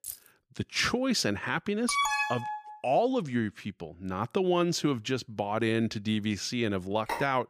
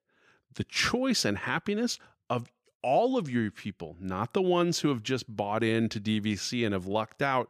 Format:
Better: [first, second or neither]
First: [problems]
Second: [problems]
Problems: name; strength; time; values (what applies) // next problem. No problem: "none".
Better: second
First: jangling keys; faint; at the start; peak 10 dB below the speech // alarm; loud; at 2 s; peak 3 dB above the speech // phone ringing; noticeable; at 7 s; peak 7 dB below the speech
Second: none